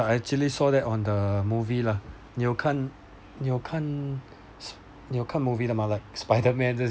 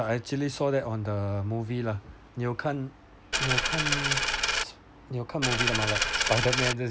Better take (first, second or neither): first